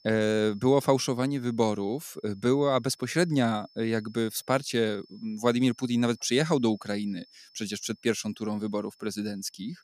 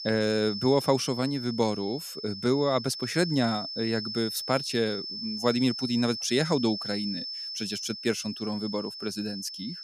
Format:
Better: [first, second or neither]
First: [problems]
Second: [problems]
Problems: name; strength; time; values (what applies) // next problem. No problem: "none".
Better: first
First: high-pitched whine; faint; throughout; 5.5 kHz, 30 dB below the speech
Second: high-pitched whine; loud; throughout; 5.5 kHz, 6 dB below the speech